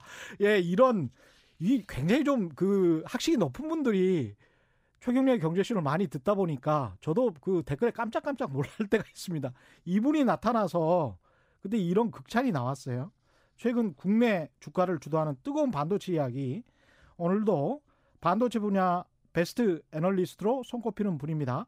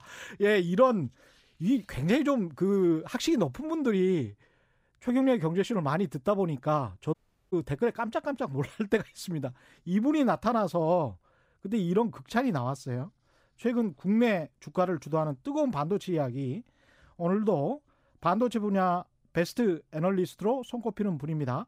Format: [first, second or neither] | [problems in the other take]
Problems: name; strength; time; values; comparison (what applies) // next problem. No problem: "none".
first | audio cutting out; at 7 s